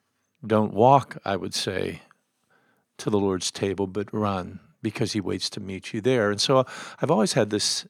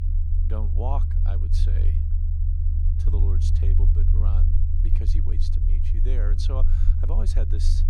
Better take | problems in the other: first | low rumble; loud; throughout; 2 dB below the speech

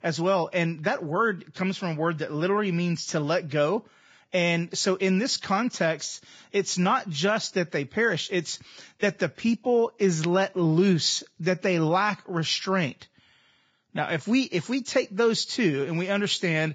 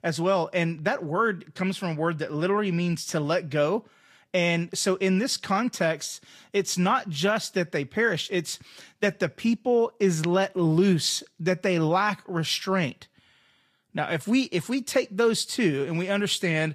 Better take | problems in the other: second | garbled, watery; badly; nothing above 7.5 kHz; slightly in the second

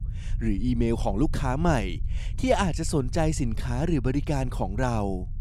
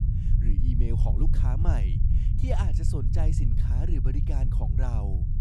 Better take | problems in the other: first | low rumble; loud; throughout; 1 dB below the speech; faint in the first

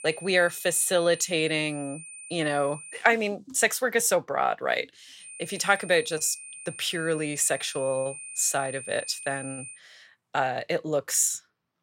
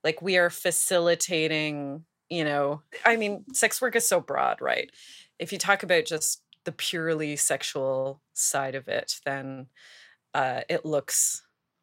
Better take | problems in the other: second | high-pitched whine; noticeable; until 3 s and from 5 to 9.5 s; 9 kHz, 15 dB below the speech

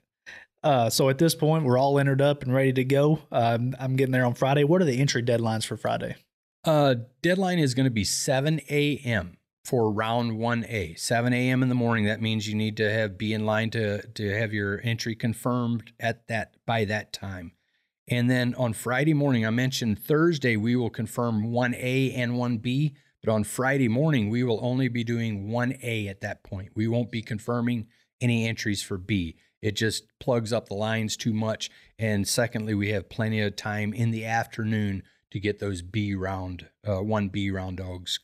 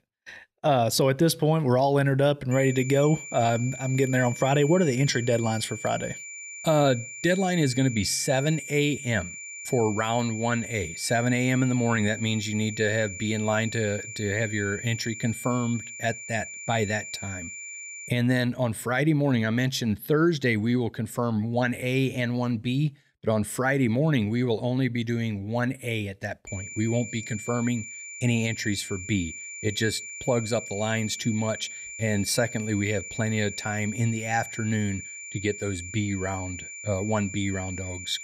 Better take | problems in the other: first | high-pitched whine; noticeable; from 2.5 to 18 s and from 26 s on; 2.5 kHz, 10 dB below the speech

